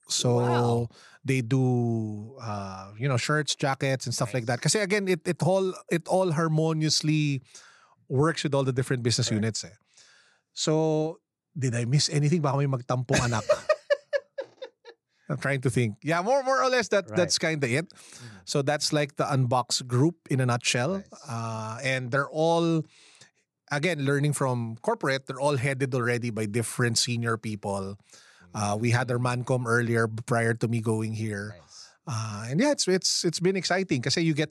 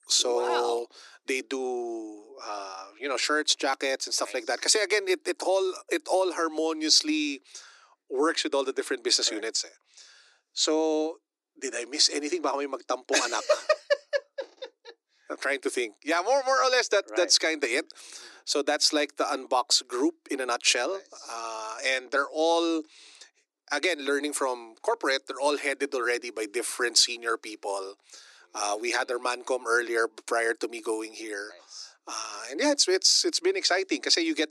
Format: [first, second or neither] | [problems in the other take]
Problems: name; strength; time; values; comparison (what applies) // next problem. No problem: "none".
first | thin; somewhat; fading below 300 Hz